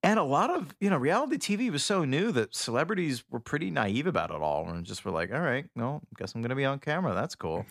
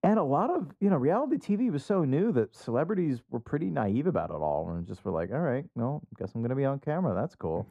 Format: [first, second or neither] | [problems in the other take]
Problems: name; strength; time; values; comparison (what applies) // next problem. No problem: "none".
first | muffled; very; fading above 1.5 kHz